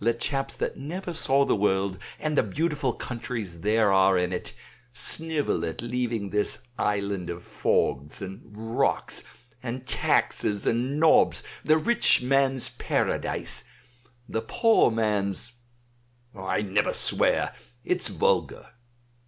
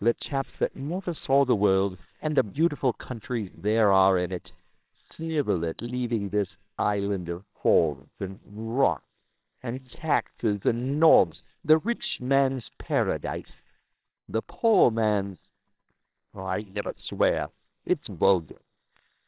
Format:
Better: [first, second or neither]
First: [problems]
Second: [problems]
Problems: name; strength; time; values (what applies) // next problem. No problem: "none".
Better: first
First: none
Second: noise reduction (neural separator model SepFormer WHAMR!)